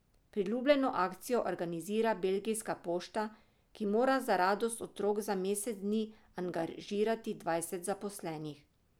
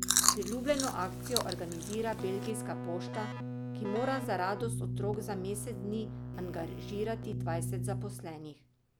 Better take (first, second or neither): first